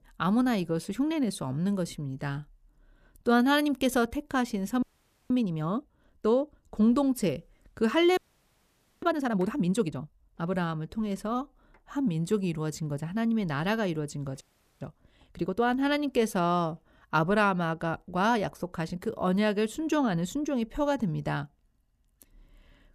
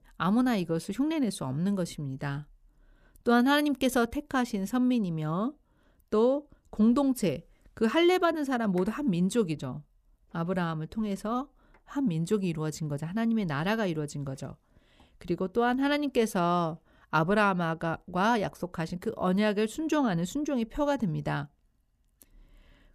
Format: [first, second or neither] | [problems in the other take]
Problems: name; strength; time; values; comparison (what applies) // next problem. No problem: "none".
second | audio freezing; at 5 s, at 8 s for 1 s and at 14 s